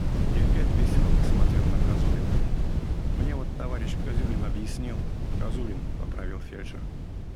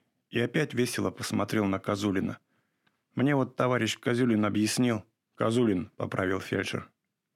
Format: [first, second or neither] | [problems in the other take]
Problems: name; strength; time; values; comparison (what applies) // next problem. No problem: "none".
second | wind noise on the microphone; heavy; 4 dB above the speech